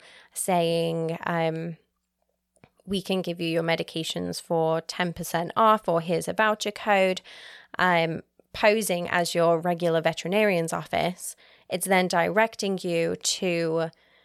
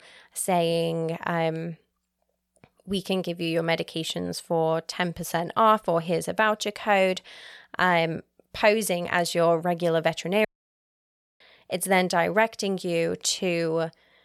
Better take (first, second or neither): first